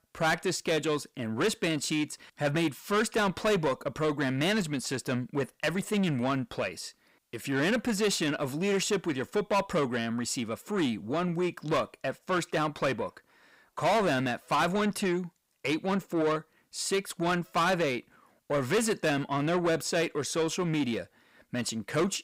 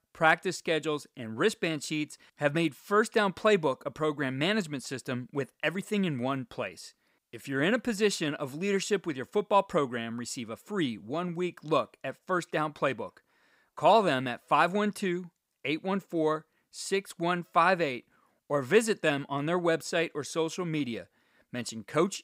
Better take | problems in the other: second | distortion; heavy; 7 dB below the speech

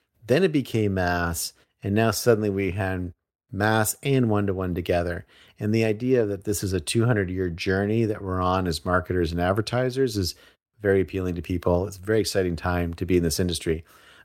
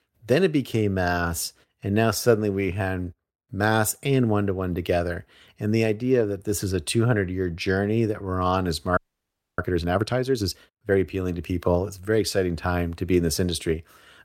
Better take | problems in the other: first | audio freezing; at 9 s for 0.5 s

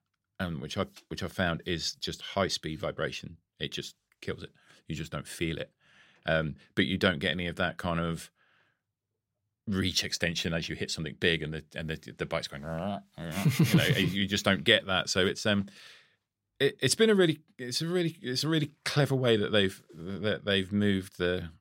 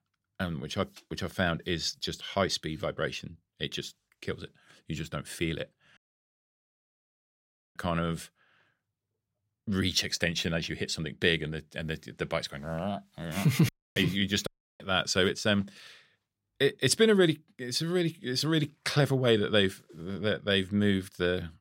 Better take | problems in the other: first | audio cutting out; at 6 s for 2 s and at 14 s

